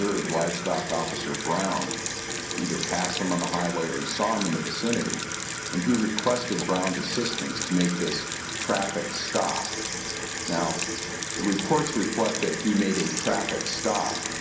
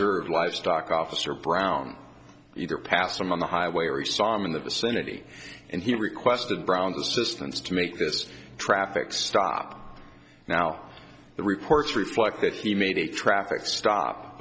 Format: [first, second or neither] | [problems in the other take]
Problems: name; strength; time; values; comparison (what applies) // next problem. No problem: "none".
second | background sound (Sink (filling or washing) / Water tap, faucet); 3 dB below the speech // room echo; dies away in 0.6 s